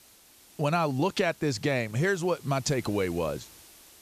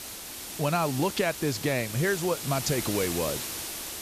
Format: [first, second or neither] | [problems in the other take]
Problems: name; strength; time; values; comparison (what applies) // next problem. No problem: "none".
first | hiss; loud; throughout; 6 dB below the speech; faint in the first